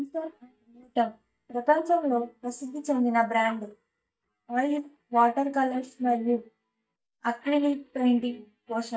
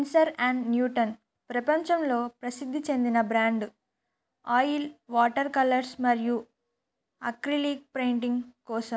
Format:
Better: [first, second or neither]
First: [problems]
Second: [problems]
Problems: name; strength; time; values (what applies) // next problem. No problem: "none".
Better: second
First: noise reduction (neural mask model DeepFilterNet 3)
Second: none